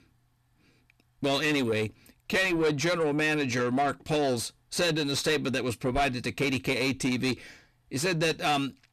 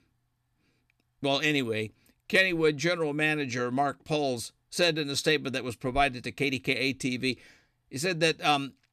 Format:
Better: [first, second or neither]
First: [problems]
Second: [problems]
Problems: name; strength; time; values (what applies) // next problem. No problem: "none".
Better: second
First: distortion; heavy; 7 dB below the speech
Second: none